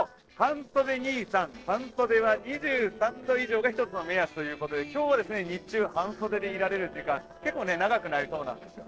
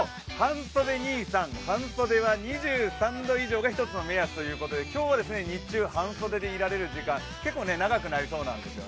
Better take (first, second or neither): second